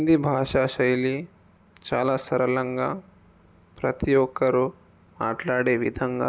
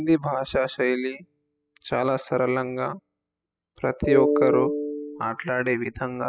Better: first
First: none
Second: noise reduction (classical method spectral subtraction)

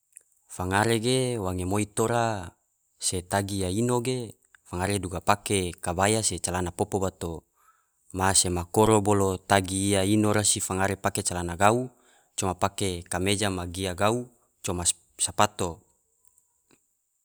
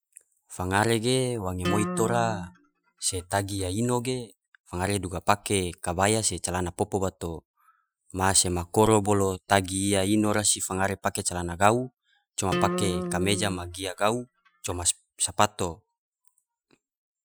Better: first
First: none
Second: noise reduction (classical method Wiener filter)

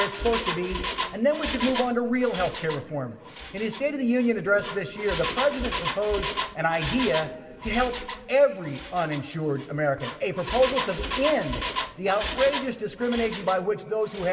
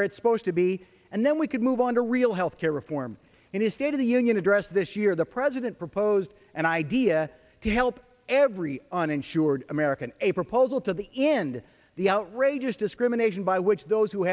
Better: second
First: background sound (Engine); 7 dB below the speech // room echo; dies away in 1.8 s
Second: none

